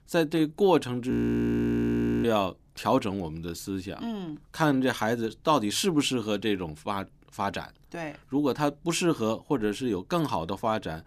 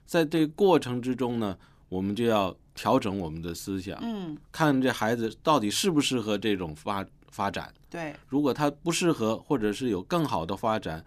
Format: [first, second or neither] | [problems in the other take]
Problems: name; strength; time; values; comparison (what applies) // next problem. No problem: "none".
second | audio freezing; at 1 s for 1 s